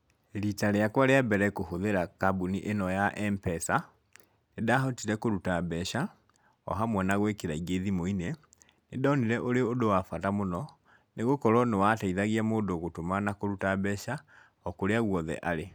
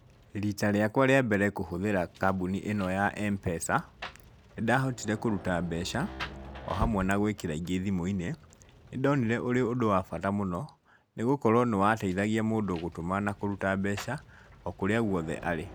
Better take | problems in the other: first | background sound (Rain); 17 dB below the speech

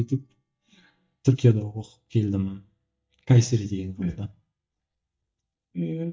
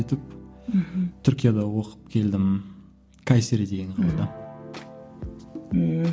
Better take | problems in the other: second | noise reduction (neural mask model DeepFilterNet 3)

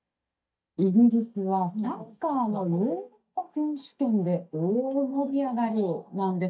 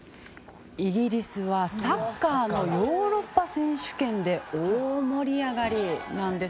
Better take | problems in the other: second | noise reduction (neural mask model DeepFilterNet 3)

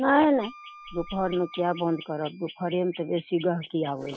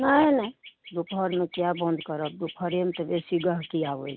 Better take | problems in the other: second | noise reduction (classical method Wiener filter)

